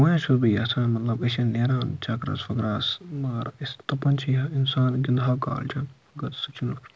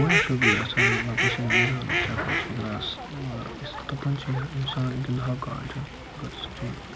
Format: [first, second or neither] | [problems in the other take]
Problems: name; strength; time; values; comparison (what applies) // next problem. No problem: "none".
first | background sound (Fowl); 1 dB above the speech